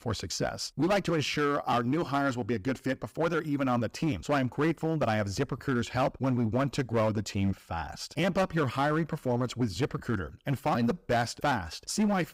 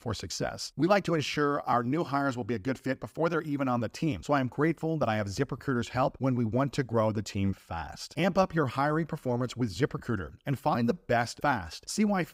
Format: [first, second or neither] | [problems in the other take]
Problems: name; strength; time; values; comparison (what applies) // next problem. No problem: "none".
second | distortion; slight; 7% of the sound clipped